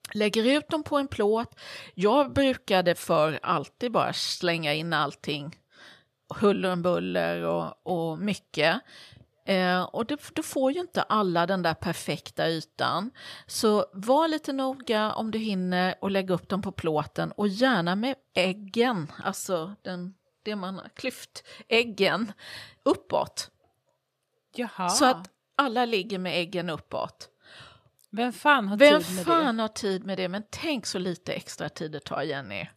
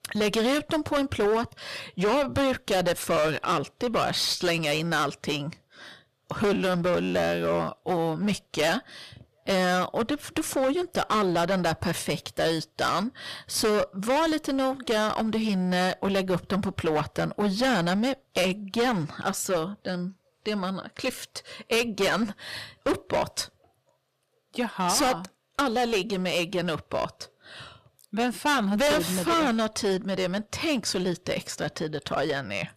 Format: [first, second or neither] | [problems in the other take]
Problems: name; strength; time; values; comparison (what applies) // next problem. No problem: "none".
first | distortion; heavy; 14% of the sound clipped